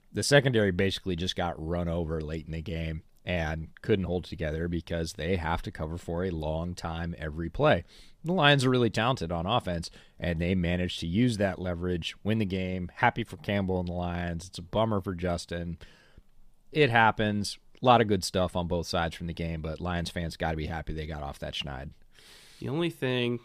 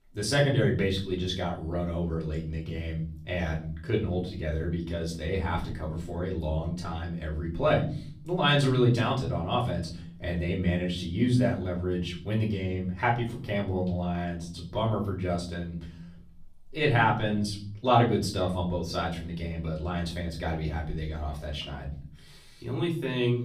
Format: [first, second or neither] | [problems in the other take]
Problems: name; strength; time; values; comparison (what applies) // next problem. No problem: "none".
first | off-mic speech; far // room echo; slight; dies away in 0.7 s